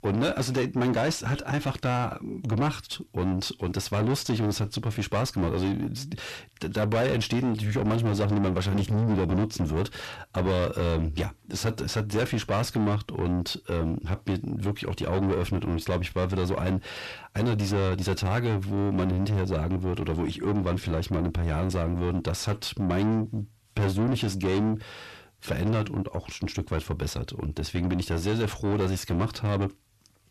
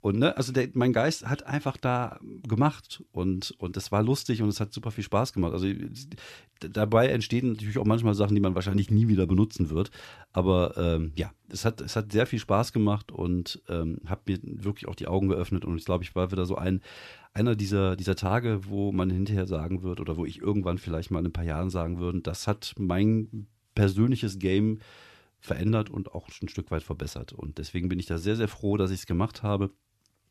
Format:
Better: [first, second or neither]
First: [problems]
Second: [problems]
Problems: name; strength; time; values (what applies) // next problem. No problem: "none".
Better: second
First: distortion; heavy; 6 dB below the speech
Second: none